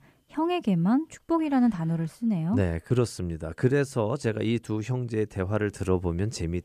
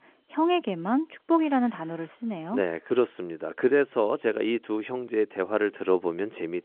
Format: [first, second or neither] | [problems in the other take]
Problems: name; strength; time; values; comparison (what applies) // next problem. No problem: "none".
first | phone-call audio